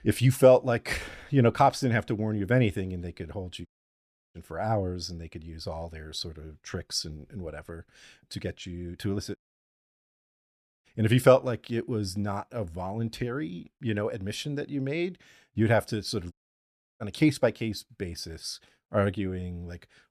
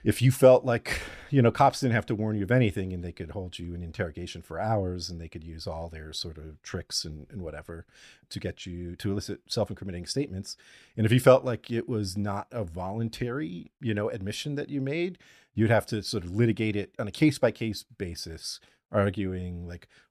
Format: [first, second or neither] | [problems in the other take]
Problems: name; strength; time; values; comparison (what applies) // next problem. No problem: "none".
second | audio cutting out; at 3.5 s for 0.5 s, at 9.5 s for 1.5 s and at 16 s for 0.5 s